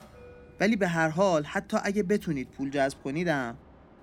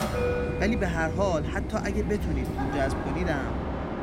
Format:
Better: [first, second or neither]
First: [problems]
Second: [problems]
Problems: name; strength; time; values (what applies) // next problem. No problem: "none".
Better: first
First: train or aircraft noise; faint; throughout; 25 dB below the speech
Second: train or aircraft noise; loud; throughout; 1 dB below the speech